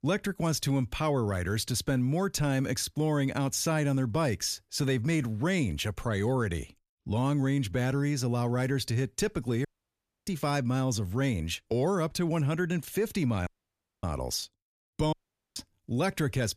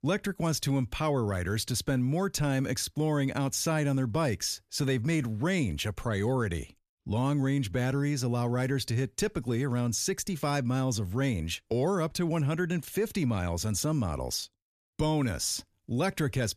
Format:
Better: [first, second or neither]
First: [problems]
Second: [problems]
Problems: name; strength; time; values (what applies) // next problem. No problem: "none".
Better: second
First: audio cutting out; at 9.5 s for 0.5 s, at 13 s for 0.5 s and at 15 s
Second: none